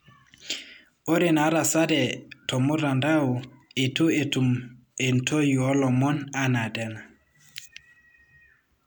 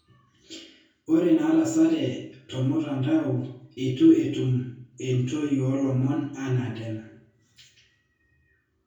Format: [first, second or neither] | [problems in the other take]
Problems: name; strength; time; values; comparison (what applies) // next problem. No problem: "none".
first | room echo; dies away in 0.6 s